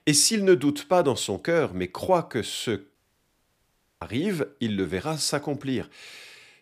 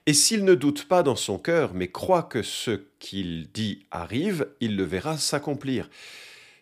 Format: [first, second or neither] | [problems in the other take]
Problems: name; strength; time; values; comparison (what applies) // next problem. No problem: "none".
second | audio cutting out; at 3 s for 1 s